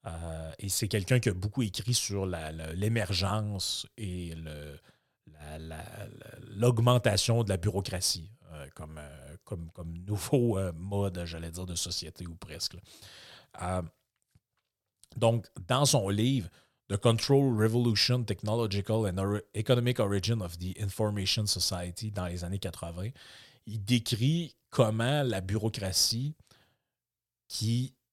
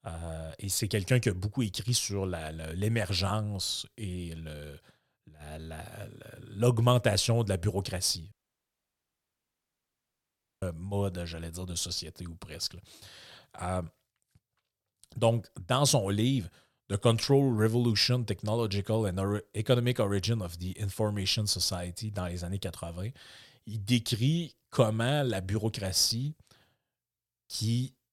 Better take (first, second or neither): first